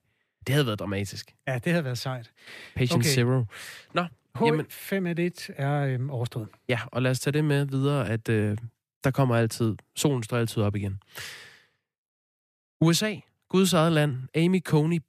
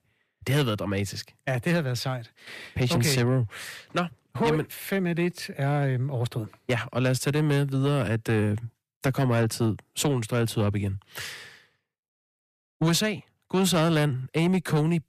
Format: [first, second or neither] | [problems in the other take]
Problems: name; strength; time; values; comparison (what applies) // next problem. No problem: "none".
first | distortion; slight; 10 dB below the speech